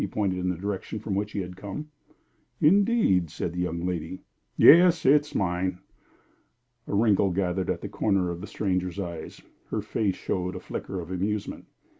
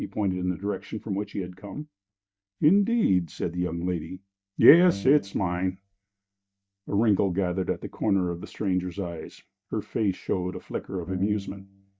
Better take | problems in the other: first | noise reduction (neural mask model DeepFilterNet 3)

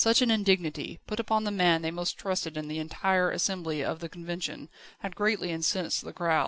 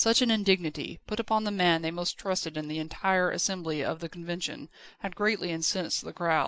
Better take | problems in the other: first | noise reduction (neural mask model Resemble Enhance denoiser)

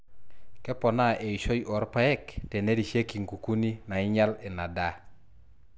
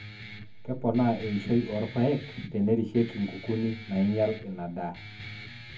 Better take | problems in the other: first | background sound (Guitar); 15 dB below the speech // room echo; dies away in 0.3 s

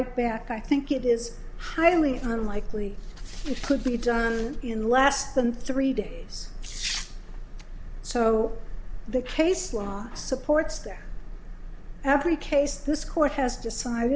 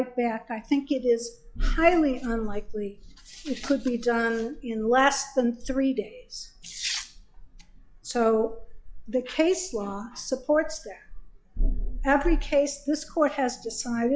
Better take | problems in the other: first | noise reduction (classical method log-MMSE)

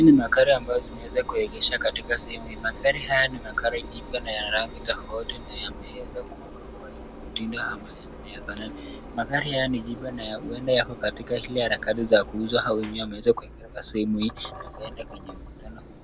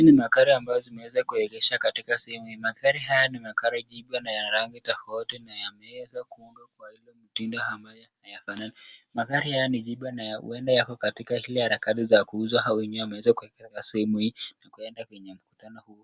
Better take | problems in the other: second | background sound (Engine); 13 dB below the speech

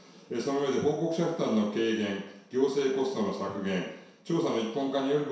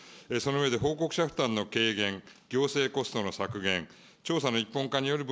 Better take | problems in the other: second | room echo; dies away in 0.7 s

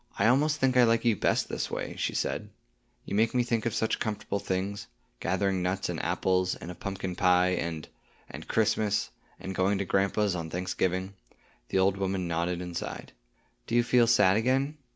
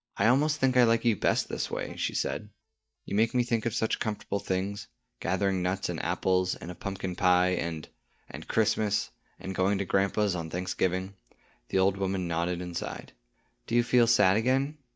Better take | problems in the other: first | noise reduction (neural mask model DeepFilterNet 3)

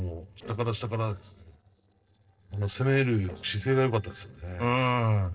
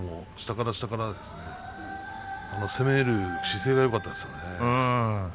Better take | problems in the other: second | noise reduction (neural separator model SepFormer DNS4)

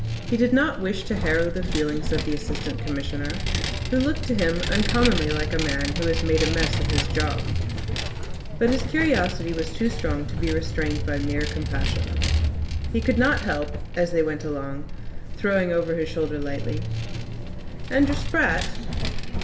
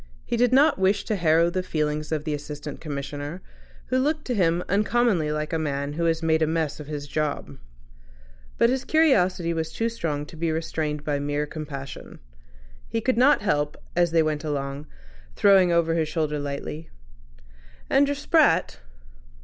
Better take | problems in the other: second | background sound (Vehicle); 2 dB below the speech // room echo; dies away in 0.6 s

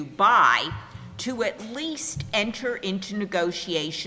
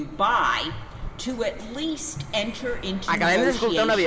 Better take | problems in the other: first | background sound (Fixed-wing aircraft, airplane); as loud as the speech // room echo; dies away in 2.6 s

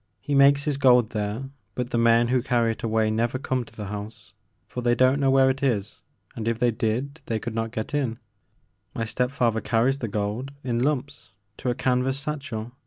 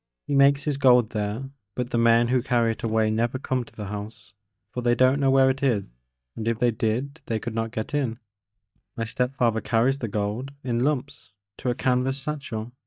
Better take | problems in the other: first | noise reduction (neural mask model DeepFilterNet 3)

